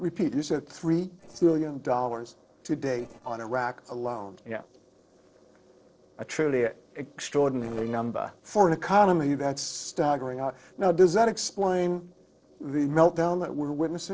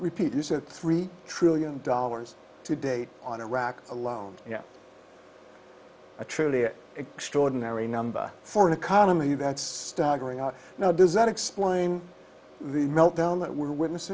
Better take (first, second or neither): second